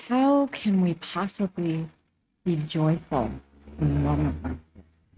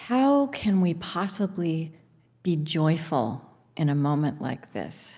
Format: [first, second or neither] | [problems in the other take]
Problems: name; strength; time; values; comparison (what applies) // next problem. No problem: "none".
second | noise reduction (neural mask model RNNoise)